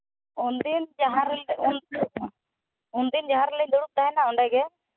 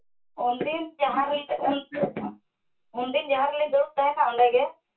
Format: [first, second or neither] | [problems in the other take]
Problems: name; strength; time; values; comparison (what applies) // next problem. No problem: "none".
first | room echo; dies away in 0.2 s